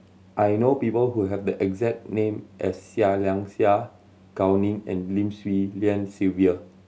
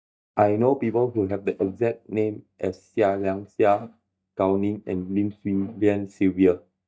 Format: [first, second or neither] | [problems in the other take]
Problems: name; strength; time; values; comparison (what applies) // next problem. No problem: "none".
first | noise reduction (neural mask model DeepFilterNet 3)